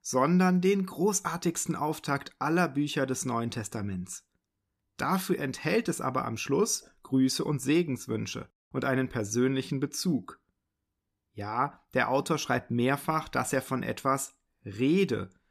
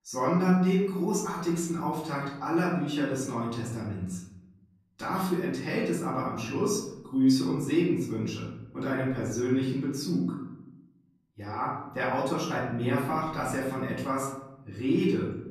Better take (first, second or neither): first